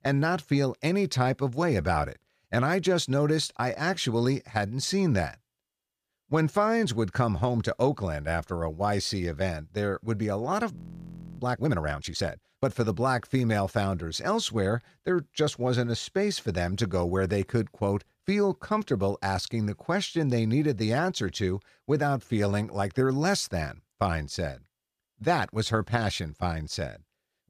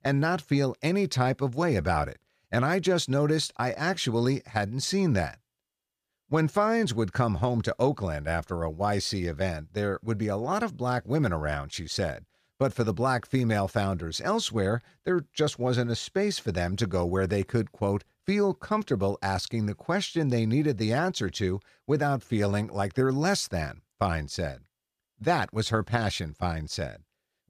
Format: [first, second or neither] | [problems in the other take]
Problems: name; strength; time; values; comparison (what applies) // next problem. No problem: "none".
second | audio freezing; at 11 s for 0.5 s